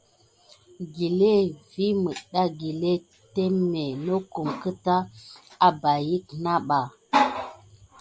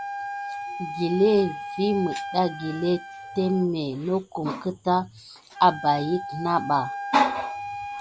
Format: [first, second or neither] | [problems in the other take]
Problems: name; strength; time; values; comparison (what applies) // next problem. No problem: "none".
first | background sound (Wind instrument, woodwind instrument); 10 dB below the speech